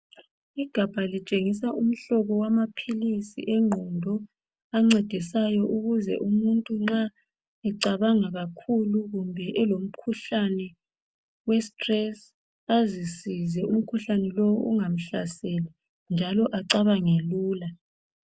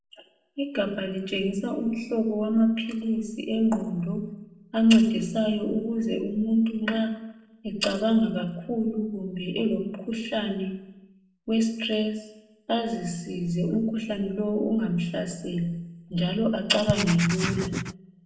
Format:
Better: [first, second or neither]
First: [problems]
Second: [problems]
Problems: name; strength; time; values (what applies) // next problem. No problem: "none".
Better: first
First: none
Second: background sound (Writing); 3 dB below the speech // room echo; dies away in 0.6 s